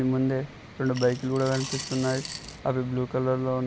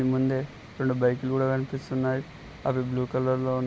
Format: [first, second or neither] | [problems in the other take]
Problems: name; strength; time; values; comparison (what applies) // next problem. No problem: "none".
second | background sound (Coin (dropping) / Glass); 13 dB below the speech